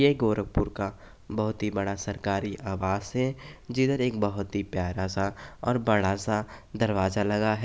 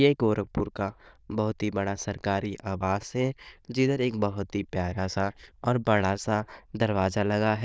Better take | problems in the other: first | noise reduction (neural diffusion model UNIVERSE++)

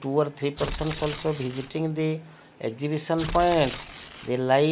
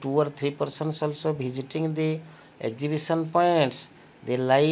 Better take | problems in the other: second | background sound (Tearing); 11 dB below the speech

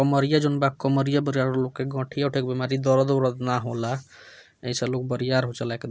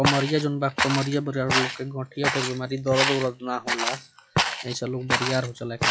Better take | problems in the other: first | noise reduction (classical method log-MMSE)

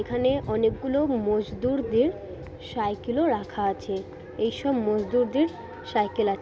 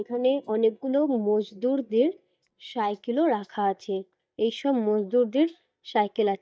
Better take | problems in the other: first | noise reduction (neural mask model DeepFilterNet 3)

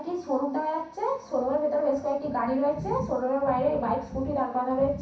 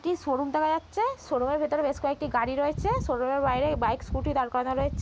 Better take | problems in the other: second | room echo; dies away in 0.6 s

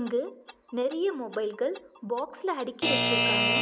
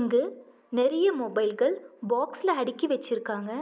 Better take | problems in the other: second | background sound (Alarm / Clock); as loud as the speech

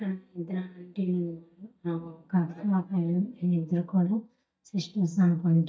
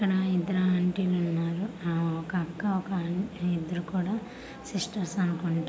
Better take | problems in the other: second | noise reduction (neural mask model DeepFilterNet 3)

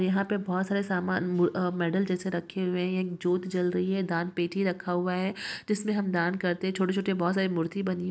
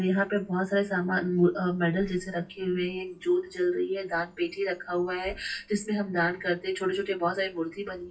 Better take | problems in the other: first | noise reduction (classical method WPE with log-MMSE)

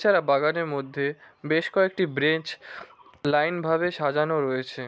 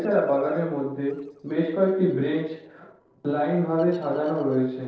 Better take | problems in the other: first | noise reduction (neural separator model SepFormer DNS4)

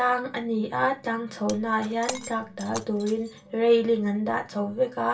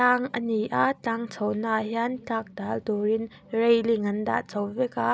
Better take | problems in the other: second | background sound (Shatter); 17 dB below the speech // room echo; dies away in 0.2 s

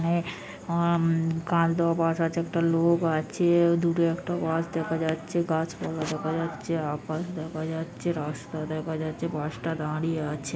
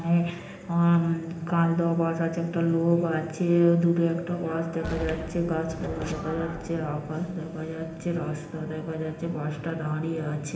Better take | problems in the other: first | background sound (Explosion); 17 dB below the speech // room echo; dies away in 0.8 s

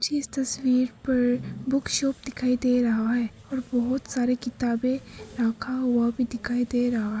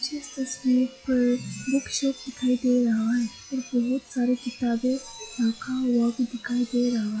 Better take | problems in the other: first | noise reduction (classical method log-MMSE)

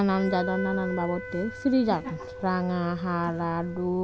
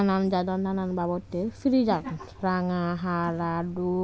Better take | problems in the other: second | background sound (Wind instrument, woodwind instrument); 11 dB below the speech

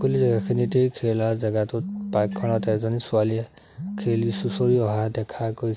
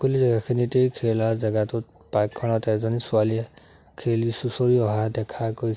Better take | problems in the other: second | background sound (Telephone); 10 dB below the speech

